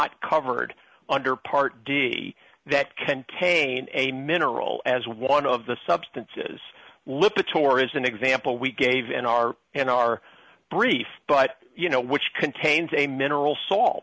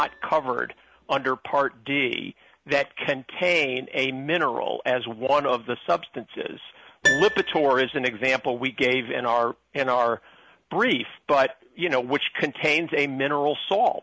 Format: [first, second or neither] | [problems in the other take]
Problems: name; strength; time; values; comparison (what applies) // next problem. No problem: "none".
first | background sound (Piano); 13 dB below the speech